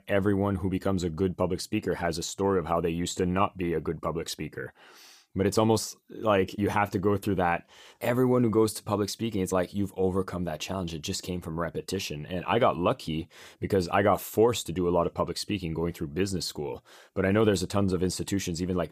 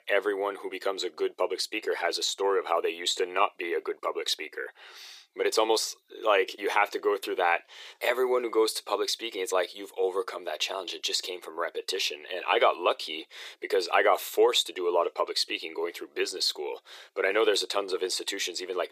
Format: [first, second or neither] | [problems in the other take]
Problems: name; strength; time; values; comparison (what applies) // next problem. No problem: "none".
first | thin; very; fading below 400 Hz